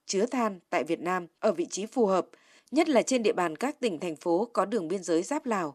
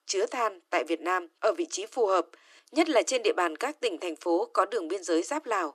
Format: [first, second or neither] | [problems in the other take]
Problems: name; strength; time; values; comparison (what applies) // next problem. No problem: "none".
first | thin; very; fading below 300 Hz